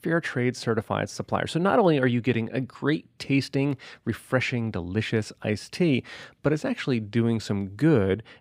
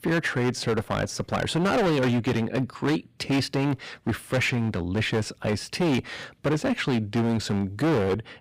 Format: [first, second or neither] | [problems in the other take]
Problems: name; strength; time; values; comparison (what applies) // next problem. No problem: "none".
first | distortion; heavy; 17% of the sound clipped